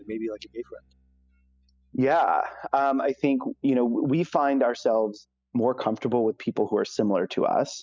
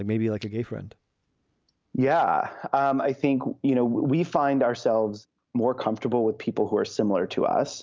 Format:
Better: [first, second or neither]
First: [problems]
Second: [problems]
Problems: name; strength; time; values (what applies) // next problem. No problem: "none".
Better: second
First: noise reduction (classical method spectral subtraction)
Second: none